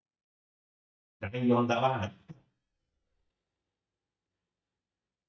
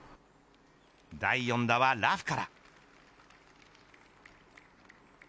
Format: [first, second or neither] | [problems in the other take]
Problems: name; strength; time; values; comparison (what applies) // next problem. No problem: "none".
second | noise reduction (neural mask model DeepFilterNet 3)